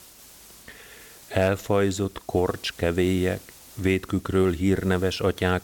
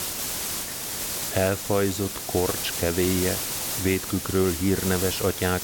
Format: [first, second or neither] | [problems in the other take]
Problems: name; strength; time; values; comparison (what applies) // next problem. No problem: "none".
first | hiss; loud; throughout; 2 dB below the speech; faint in the first